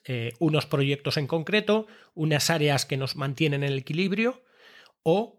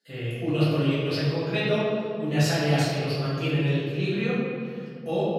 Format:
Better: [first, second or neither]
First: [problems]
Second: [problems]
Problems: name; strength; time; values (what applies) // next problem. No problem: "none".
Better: first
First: none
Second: off-mic speech; far // room echo; strong; dies away in 2.2 s